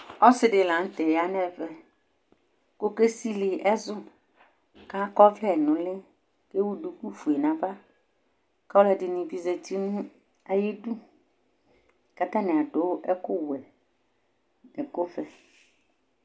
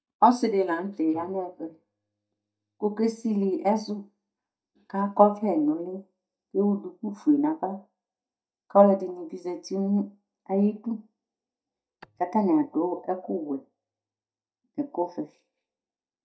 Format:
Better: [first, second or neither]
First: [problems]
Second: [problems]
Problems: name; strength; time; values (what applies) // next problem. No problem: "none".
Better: first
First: none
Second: noise reduction (neural mask model DeepFilterNet 3)